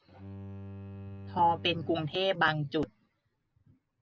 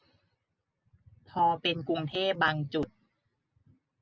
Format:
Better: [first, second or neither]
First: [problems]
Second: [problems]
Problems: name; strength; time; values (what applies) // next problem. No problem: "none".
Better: second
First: background sound (Bowed string instrument); 14 dB below the speech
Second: none